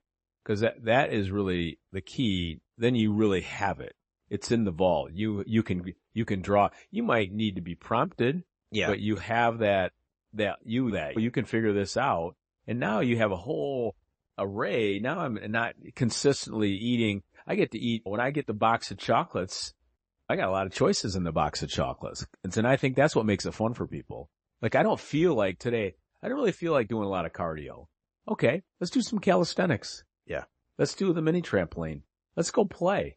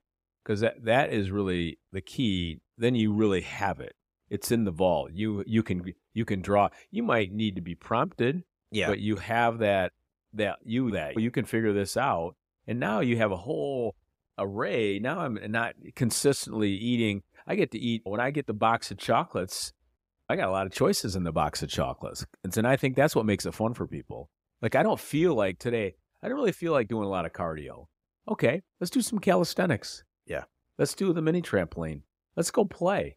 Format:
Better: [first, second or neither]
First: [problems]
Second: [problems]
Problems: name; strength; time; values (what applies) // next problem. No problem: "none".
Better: second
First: garbled, watery; slightly; nothing above 8 kHz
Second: none